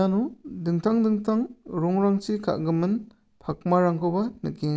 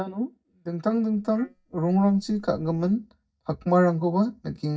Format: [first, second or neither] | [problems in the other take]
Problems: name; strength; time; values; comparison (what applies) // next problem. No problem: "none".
first | noise reduction (neural mask model DeepFilterNet 3)